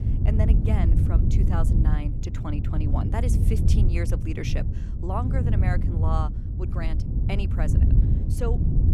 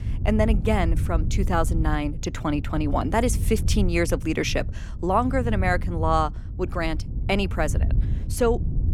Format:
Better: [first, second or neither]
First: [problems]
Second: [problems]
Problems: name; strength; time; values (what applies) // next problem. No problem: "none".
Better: second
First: wind noise on the microphone; heavy; 2 dB below the speech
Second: wind noise on the microphone; occasional gusts; 15 dB below the speech